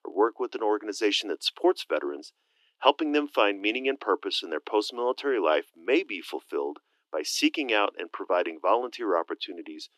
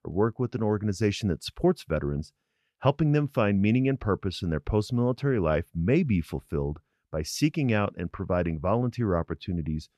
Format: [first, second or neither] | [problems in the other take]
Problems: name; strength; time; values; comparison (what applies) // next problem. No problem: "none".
second | thin; very; fading below 300 Hz